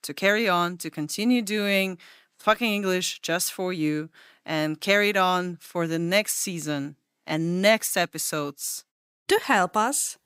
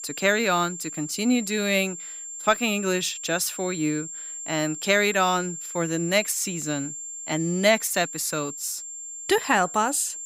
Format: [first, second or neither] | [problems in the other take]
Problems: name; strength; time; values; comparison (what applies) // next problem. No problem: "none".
first | high-pitched whine; loud; throughout; 7.5 kHz, 9 dB below the speech